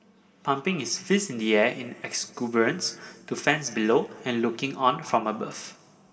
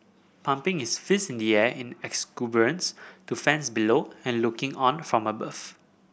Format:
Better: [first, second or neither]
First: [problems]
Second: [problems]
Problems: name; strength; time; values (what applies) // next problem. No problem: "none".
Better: second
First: room echo; dies away in 1.8 s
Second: none